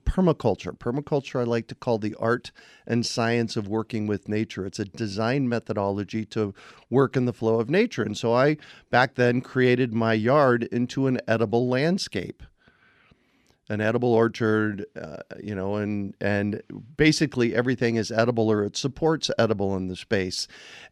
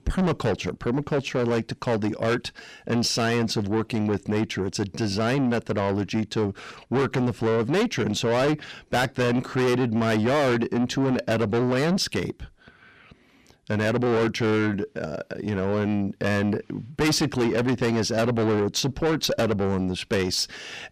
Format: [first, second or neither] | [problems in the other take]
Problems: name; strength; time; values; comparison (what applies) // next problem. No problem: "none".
first | distortion; heavy; 6 dB below the speech